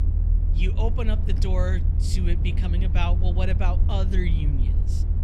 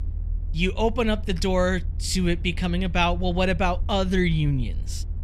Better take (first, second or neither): second